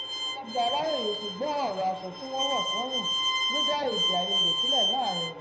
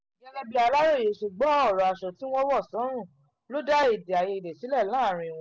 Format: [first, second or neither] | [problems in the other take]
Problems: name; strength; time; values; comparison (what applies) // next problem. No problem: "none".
second | background sound (Bowed string instrument); 2 dB above the speech // room echo; dies away in 0.8 s